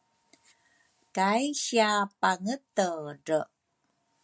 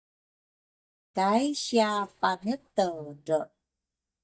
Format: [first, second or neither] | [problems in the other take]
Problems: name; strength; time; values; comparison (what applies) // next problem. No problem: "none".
first | noise reduction (neural mask model DeepFilterNet 3)